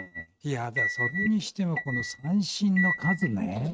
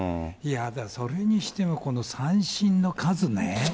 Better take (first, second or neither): second